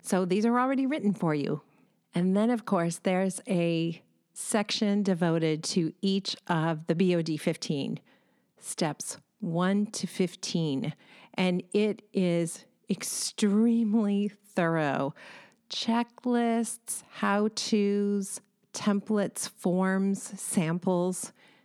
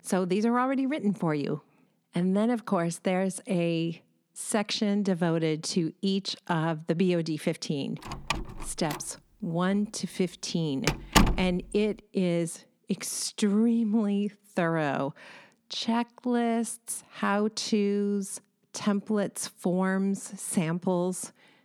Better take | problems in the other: first | door banging; loud; from 8.5 to 11 s; peak 5 dB above the speech

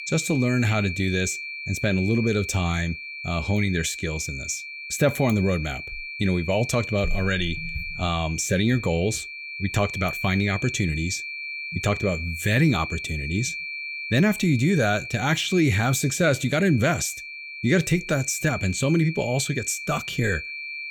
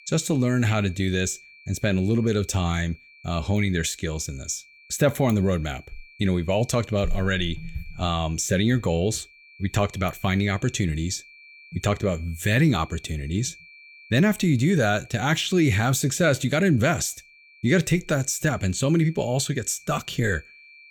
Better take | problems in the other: second | high-pitched whine; loud; throughout; 2.5 kHz, 8 dB below the speech; faint in the second

